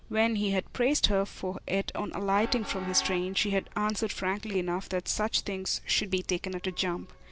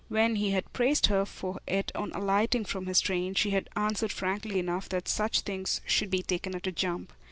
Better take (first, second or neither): second